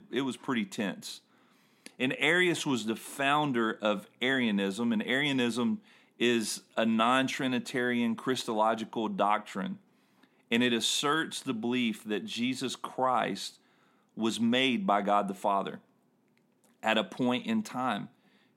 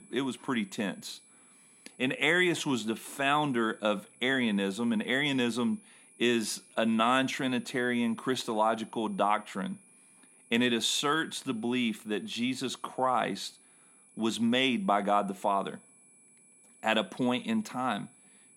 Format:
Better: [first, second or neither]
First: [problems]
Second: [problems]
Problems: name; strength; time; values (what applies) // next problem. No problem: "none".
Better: first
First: none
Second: high-pitched whine; faint; throughout; 10.5 kHz, 25 dB below the speech